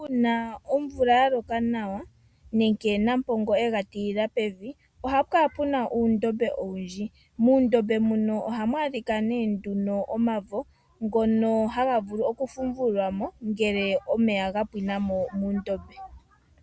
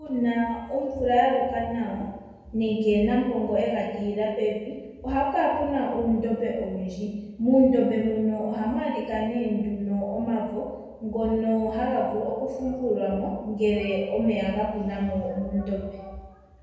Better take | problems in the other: first | room echo; dies away in 1.2 s

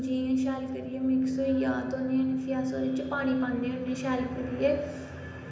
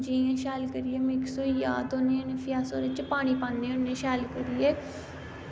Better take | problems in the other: second | room echo; dies away in 0.8 s

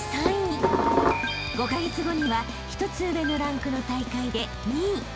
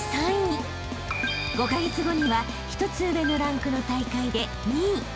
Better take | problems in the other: second | background sound (Dishes, pots, and pans); 3 dB above the speech

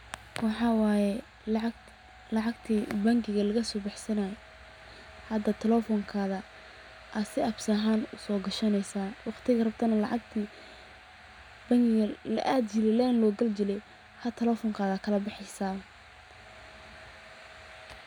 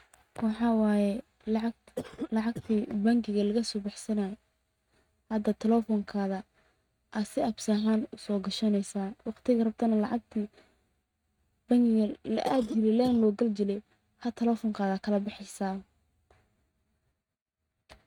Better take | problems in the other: first | noise reduction (neural mask model RNNoise)

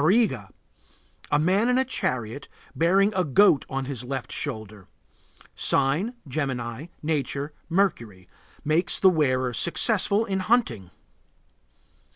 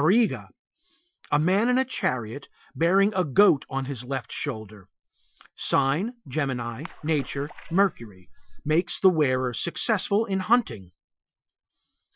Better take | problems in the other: first | noise reduction (classical method Wiener filter)

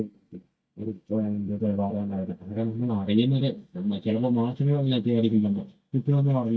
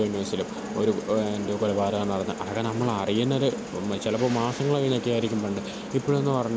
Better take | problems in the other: second | noise reduction (neural mask model DeepFilterNet 3)

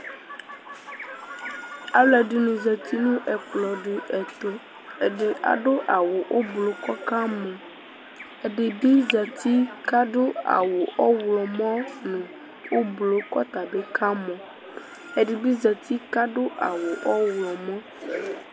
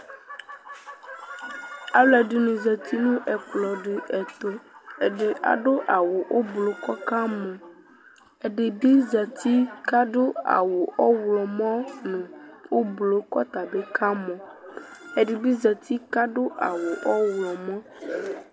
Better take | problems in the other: second | background sound (Bird vocalization, bird call, bird song); 19 dB below the speech

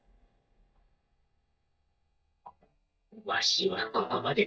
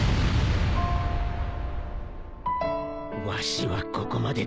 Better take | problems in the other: second | noise reduction (neural mask model DeepFilterNet 3)

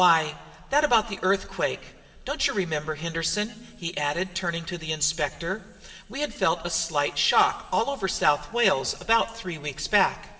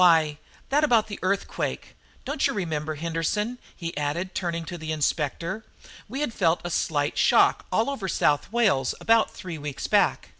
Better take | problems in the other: second | room echo; dies away in 1.6 s

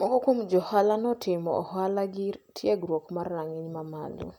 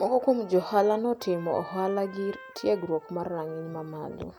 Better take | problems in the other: first | background sound (Trumpet); 20 dB below the speech

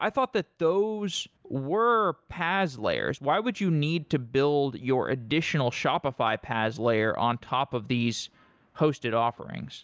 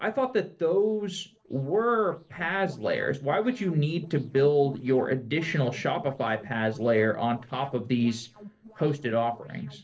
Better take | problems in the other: first | noise reduction (neural separator model SepFormer DNS4)

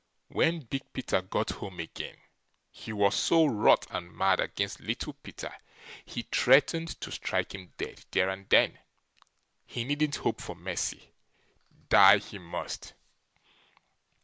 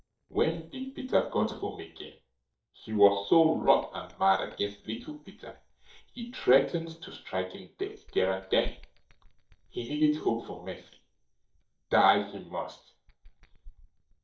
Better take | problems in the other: first | noise reduction (neural mask model DeepFilterNet 3)

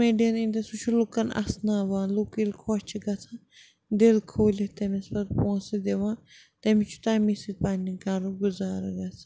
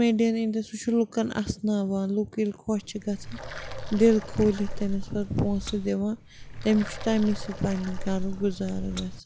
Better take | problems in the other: first | background sound (Water); 7 dB below the speech

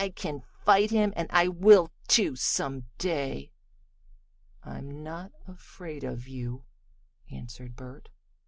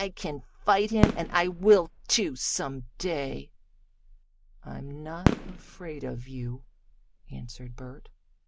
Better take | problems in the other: first | background sound (Fireworks); 4 dB below the speech

